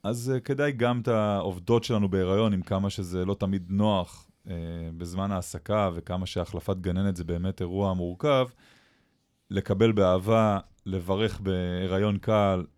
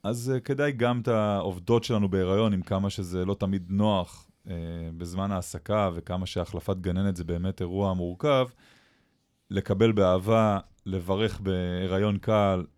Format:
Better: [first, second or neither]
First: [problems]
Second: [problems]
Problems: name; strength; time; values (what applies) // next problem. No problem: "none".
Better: neither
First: none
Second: none